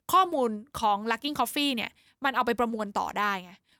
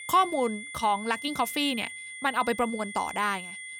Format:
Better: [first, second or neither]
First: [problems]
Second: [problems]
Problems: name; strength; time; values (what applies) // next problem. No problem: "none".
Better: first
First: none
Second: high-pitched whine; loud; throughout; 2 kHz, 10 dB below the speech